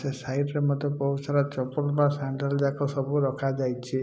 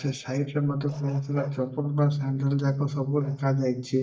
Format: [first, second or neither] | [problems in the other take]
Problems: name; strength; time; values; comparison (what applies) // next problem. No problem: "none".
first | noise reduction (neural mask model DeepFilterNet 3)